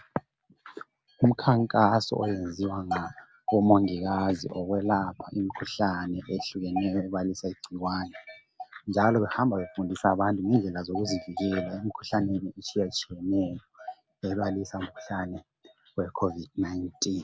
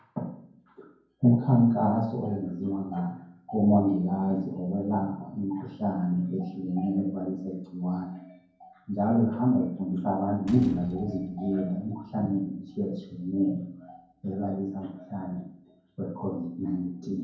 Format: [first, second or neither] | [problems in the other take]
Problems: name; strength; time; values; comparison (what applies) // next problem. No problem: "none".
first | background sound (Slam); 19 dB below the speech // room echo; dies away in 0.9 s